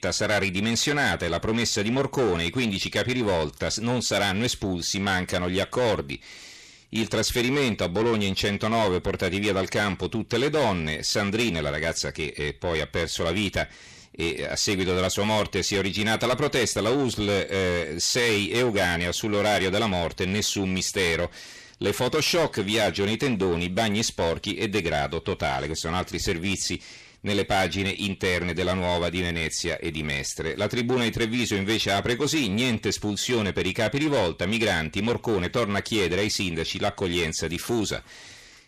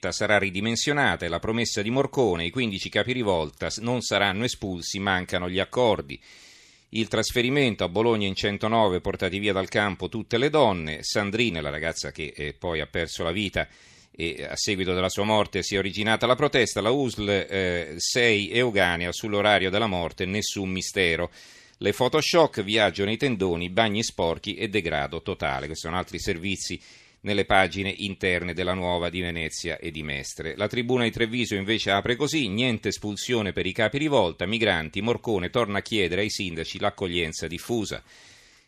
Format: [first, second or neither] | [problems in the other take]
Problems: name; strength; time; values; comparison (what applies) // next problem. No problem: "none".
second | distortion; heavy; 7 dB below the speech